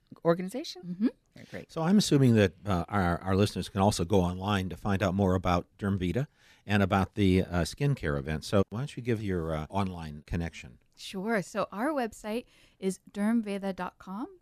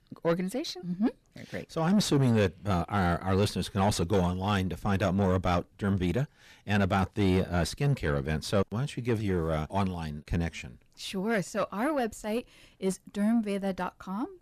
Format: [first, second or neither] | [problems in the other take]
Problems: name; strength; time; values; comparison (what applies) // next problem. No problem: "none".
first | distortion; slight; 10 dB below the speech